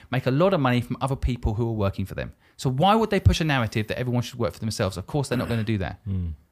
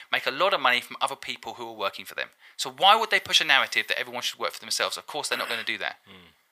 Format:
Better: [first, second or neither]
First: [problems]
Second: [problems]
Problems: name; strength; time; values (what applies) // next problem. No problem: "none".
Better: first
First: none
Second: thin; very; fading below 900 Hz